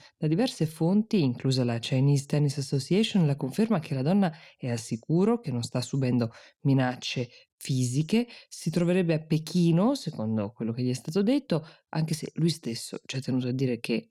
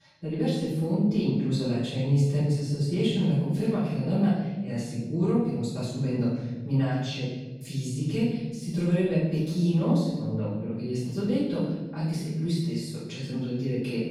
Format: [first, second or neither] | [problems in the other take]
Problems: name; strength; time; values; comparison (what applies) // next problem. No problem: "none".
first | off-mic speech; far // room echo; strong; dies away in 1.3 s